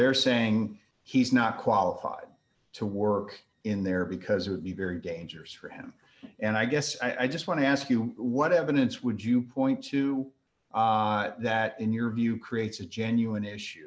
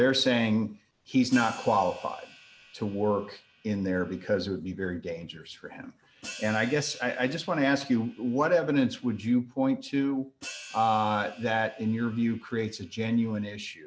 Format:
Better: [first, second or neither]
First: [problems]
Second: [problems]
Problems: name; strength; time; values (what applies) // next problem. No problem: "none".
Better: first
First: none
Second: background sound (Hi-hat); 20 dB below the speech